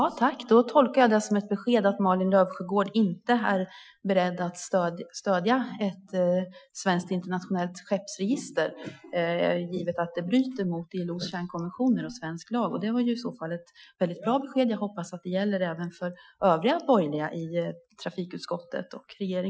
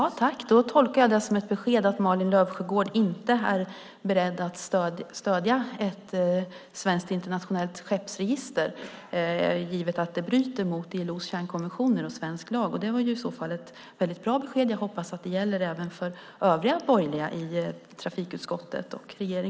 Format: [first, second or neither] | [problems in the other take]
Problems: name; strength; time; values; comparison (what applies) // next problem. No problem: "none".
second | noise reduction (classical method Wiener filter)